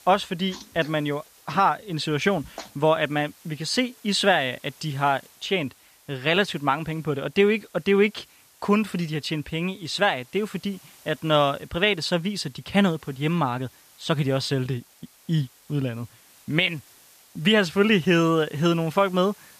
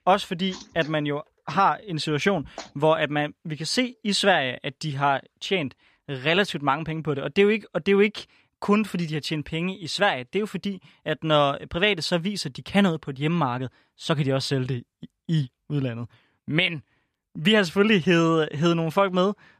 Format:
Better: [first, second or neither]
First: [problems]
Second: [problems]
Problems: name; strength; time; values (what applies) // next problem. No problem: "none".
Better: second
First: hiss; faint; throughout; 25 dB below the speech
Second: none